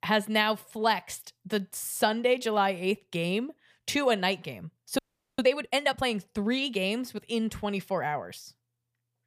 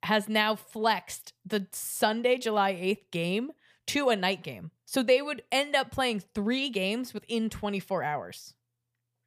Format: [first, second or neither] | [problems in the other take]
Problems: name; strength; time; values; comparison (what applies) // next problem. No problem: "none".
second | audio freezing; at 5 s